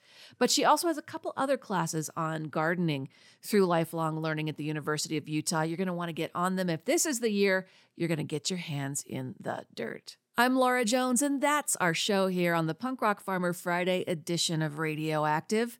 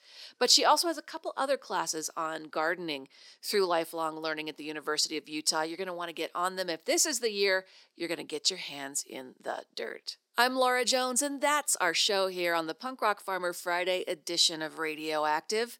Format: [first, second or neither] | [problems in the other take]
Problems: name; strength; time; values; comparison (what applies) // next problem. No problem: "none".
first | thin; somewhat; fading below 350 Hz